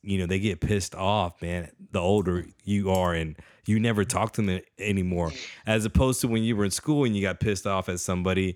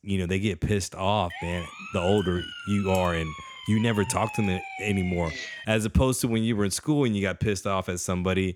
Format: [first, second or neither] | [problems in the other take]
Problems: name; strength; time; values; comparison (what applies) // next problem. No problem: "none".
first | siren; noticeable; from 1.5 to 5.5 s; peak 8 dB below the speech